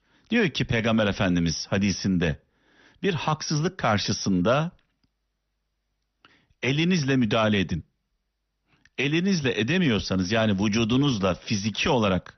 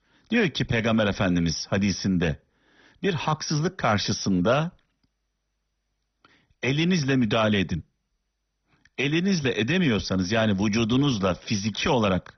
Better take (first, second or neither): first